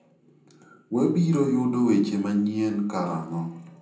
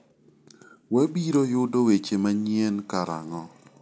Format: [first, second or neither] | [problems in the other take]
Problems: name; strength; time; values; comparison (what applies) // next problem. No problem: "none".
second | room echo; dies away in 0.6 s